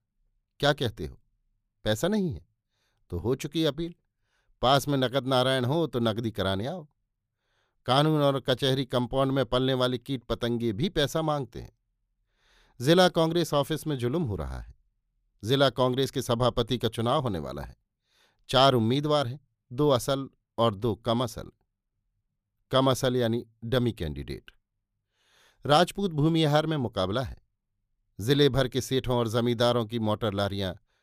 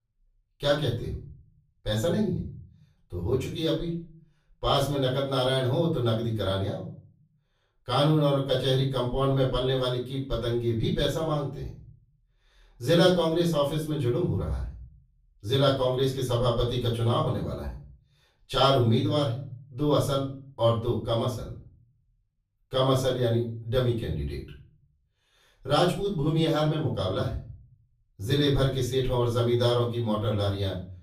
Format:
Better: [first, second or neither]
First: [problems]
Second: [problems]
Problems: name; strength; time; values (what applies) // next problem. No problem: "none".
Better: first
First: none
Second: off-mic speech; far // room echo; slight; dies away in 0.4 s